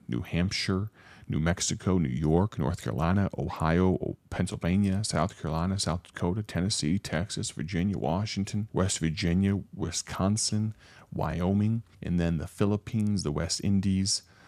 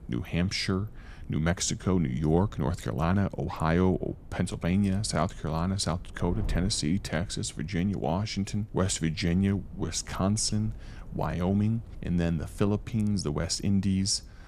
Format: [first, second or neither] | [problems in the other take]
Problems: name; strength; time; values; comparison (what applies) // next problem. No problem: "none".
first | wind noise on the microphone; occasional gusts; 25 dB below the speech